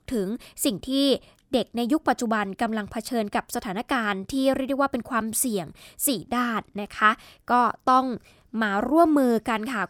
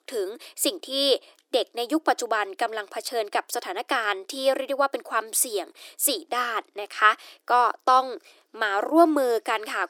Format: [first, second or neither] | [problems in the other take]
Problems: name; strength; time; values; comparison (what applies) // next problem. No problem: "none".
first | thin; somewhat; fading below 300 Hz